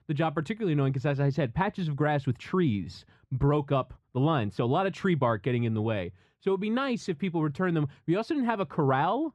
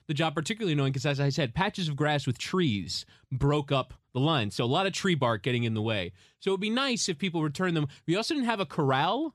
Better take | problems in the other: second | muffled; very; fading above 2.5 kHz

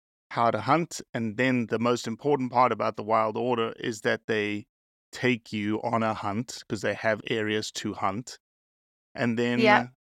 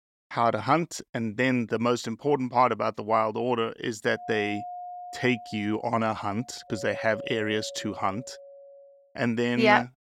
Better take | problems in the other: first | doorbell; faint; from 4 to 9 s; peak 10 dB below the speech

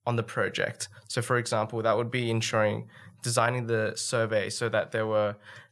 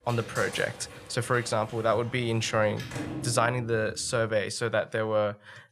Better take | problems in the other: first | door banging; noticeable; until 4 s; peak 7 dB below the speech

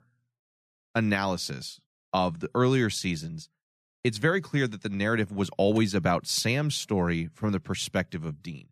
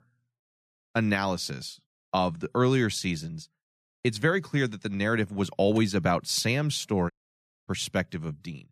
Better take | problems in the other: first | audio cutting out; at 7 s for 0.5 s

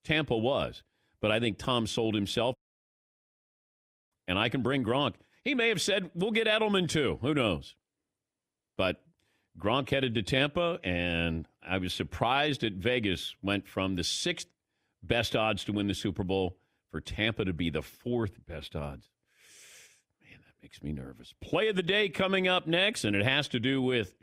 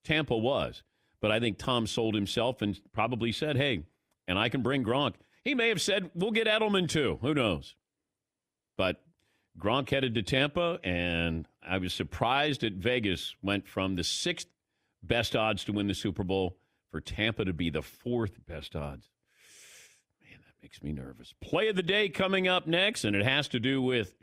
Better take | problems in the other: second | audio cutting out; at 2.5 s for 1.5 s

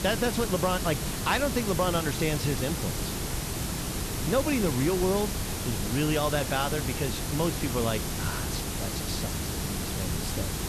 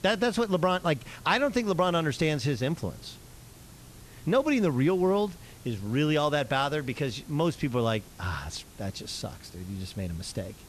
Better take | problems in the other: second | hiss; loud; throughout; 2 dB below the speech; faint in the second

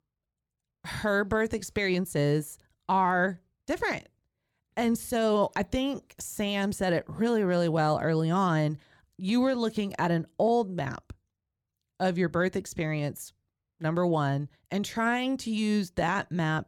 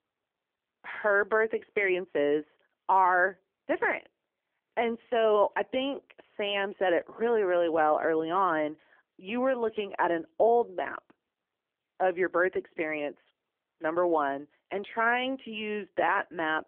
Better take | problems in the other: first | phone-call audio; nothing above 3 kHz

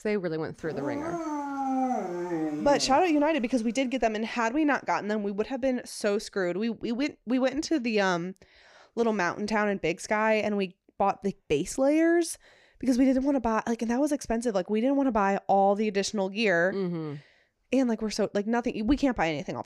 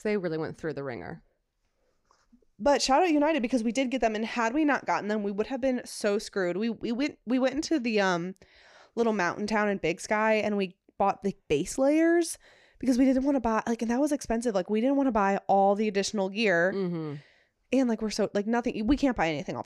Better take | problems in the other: second | dog barking; noticeable; from 0.5 to 3 s; peak 1 dB below the speech

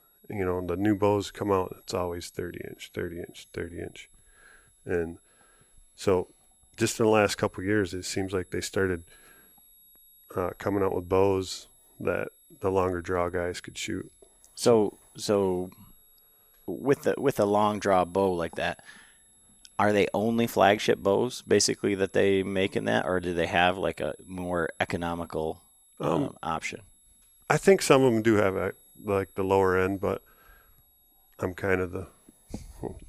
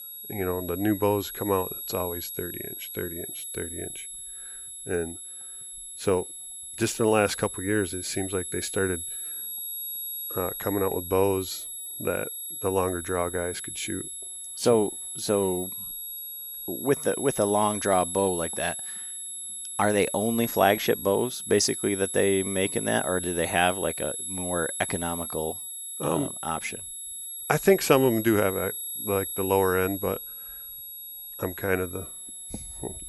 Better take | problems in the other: first | high-pitched whine; loud; throughout; 11 kHz, 6 dB below the speech; faint in the first

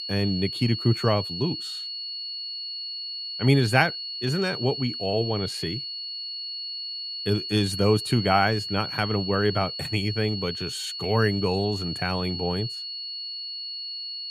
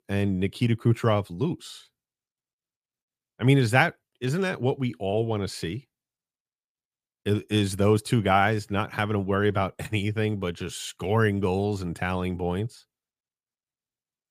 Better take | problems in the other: second | high-pitched whine; loud; throughout; 4.5 kHz, 6 dB below the speech

